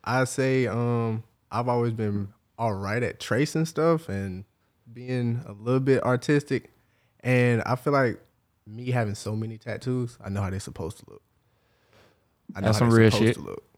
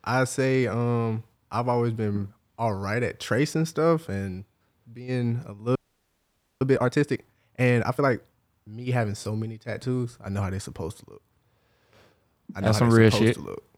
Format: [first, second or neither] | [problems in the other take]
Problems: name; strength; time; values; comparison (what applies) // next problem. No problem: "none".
first | audio freezing; at 6 s for 1 s